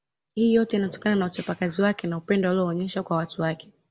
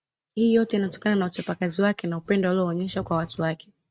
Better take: first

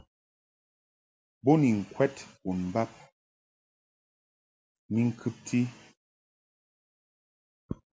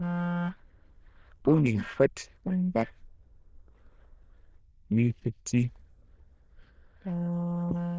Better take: first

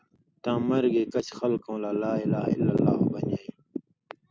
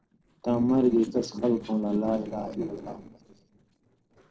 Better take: first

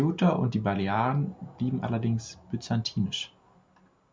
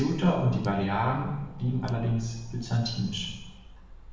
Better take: first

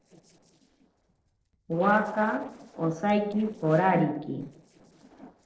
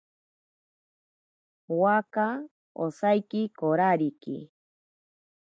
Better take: second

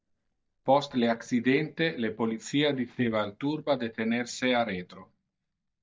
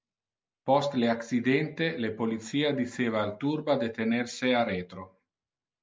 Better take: second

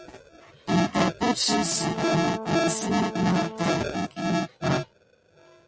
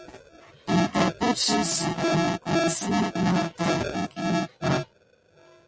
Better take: second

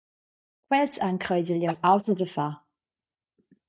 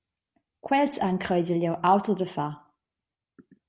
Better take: second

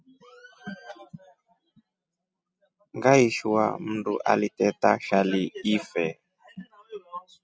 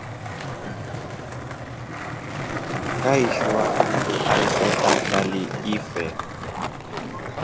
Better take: first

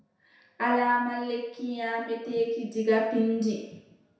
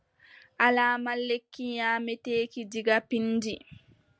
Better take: second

